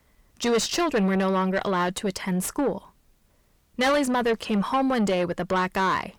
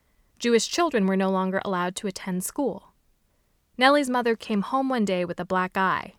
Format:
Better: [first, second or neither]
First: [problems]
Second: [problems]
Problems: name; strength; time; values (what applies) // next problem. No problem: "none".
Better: second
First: distortion; heavy; 6 dB below the speech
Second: none